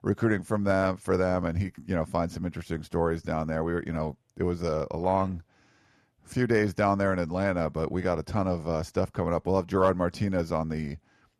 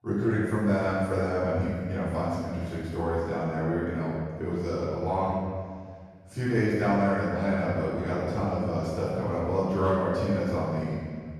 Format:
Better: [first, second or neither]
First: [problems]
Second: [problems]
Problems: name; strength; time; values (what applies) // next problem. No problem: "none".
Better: first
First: none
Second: room echo; strong; dies away in 1.7 s // off-mic speech; far